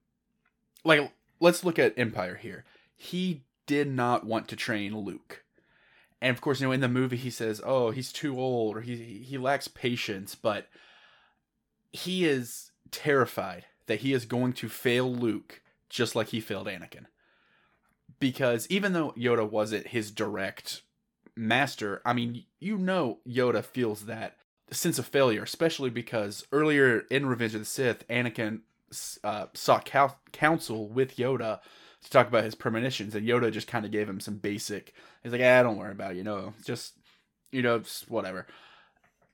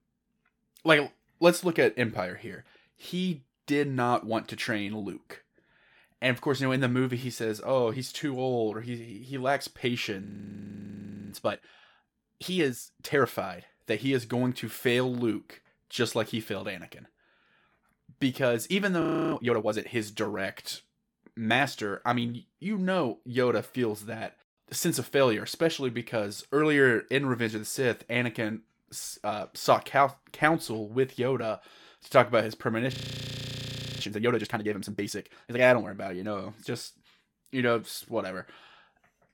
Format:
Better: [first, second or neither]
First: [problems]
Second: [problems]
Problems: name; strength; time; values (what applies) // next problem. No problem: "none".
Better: first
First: none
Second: audio freezing; at 10 s for 1 s, at 19 s and at 33 s for 1 s